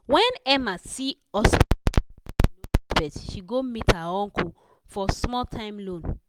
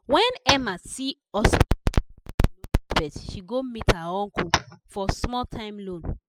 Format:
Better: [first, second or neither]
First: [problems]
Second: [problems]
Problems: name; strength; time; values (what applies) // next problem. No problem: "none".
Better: first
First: none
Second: noise reduction (classical method spectral subtraction)